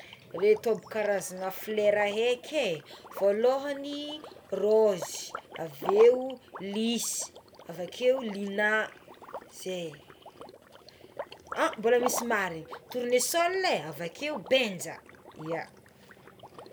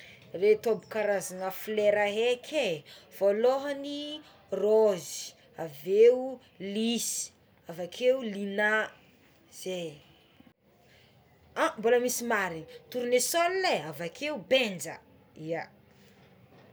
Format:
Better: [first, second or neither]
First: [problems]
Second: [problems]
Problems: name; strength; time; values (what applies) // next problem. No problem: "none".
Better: second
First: background sound (Liquid); 15 dB below the speech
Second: none